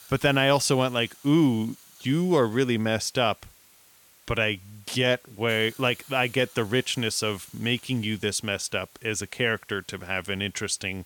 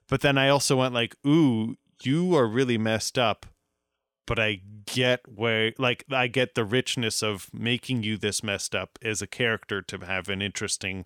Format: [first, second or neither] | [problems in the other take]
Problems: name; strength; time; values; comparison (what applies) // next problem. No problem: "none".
second | hiss; faint; throughout; 25 dB below the speech